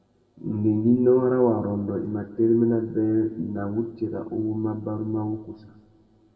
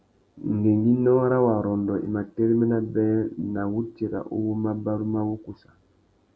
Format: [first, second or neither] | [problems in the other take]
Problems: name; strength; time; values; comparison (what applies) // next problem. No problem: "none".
second | room echo; dies away in 1.5 s